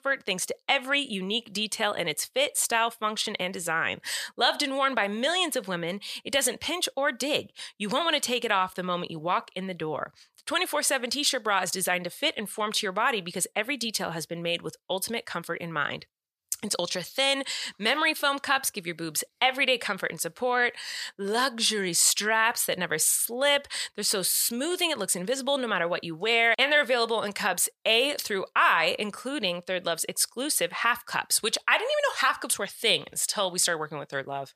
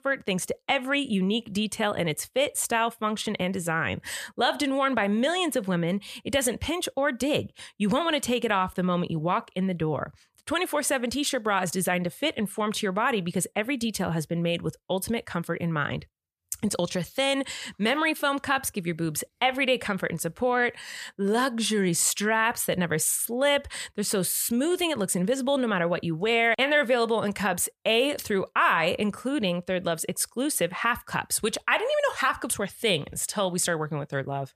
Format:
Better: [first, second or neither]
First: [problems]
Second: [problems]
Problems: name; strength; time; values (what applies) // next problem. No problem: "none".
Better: second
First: thin; very slightly; fading below 1 kHz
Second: none